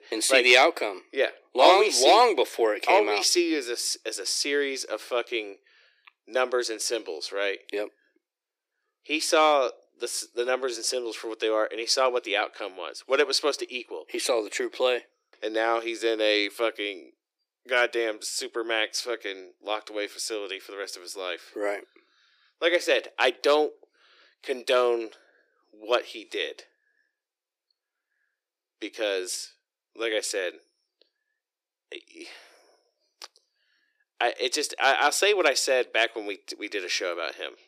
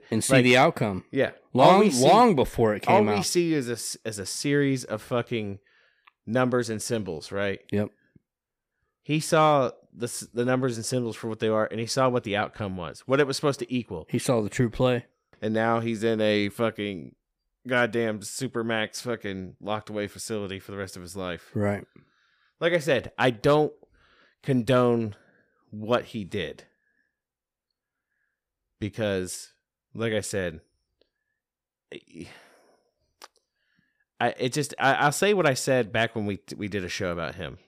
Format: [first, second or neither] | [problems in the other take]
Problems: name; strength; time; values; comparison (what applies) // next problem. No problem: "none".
second | thin; very; fading below 300 Hz